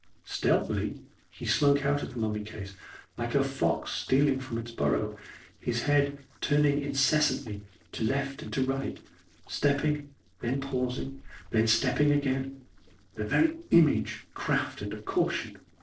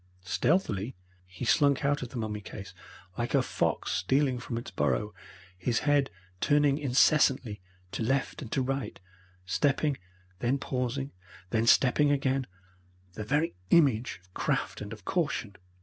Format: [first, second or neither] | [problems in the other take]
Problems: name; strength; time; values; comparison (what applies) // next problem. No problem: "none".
second | noise reduction (neural separator model SepFormer DNS4)